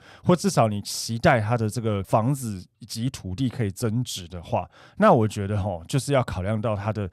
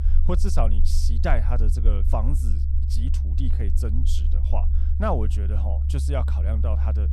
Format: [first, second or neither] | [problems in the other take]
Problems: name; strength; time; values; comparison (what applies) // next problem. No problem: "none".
first | low rumble; loud; throughout; 9 dB below the speech